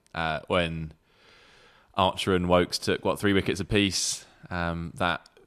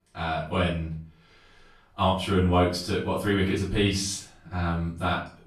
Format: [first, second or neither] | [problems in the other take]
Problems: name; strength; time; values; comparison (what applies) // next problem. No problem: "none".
first | off-mic speech; far // room echo; noticeable; dies away in 0.4 s